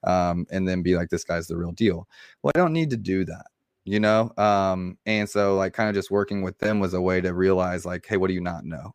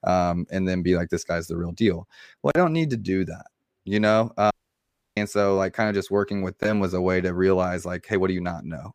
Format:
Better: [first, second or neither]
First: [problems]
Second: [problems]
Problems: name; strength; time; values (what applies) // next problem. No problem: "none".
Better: first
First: none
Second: audio cutting out; at 4.5 s for 0.5 s